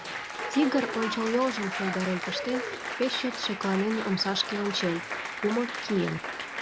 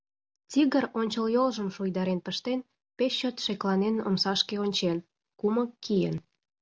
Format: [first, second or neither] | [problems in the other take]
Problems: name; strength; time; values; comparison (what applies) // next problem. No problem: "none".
second | background sound (Applause); 5 dB below the speech